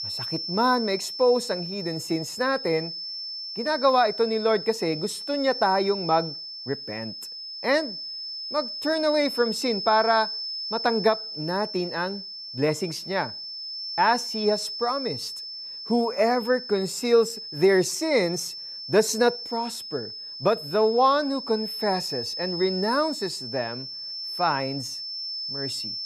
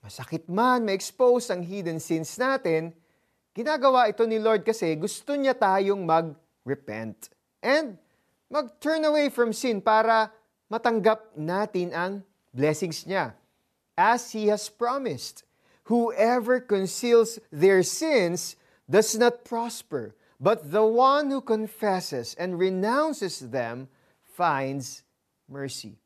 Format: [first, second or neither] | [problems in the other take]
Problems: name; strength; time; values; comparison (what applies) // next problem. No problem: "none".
second | high-pitched whine; loud; throughout; 5.5 kHz, 7 dB below the speech